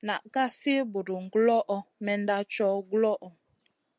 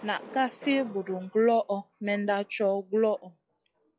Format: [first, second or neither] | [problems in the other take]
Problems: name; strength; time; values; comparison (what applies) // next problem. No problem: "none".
first | noise reduction (classical method log-MMSE)